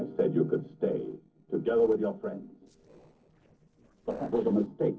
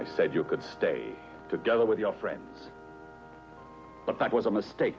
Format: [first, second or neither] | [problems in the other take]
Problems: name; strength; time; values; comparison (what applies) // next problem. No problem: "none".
second | noise reduction (neural separator model SepFormer DNS4)